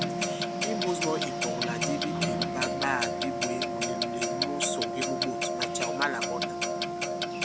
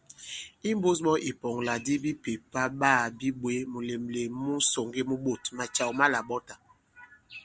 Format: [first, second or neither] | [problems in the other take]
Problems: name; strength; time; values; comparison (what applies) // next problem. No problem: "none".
second | background sound (Brass instrument + Clock); 5 dB above the speech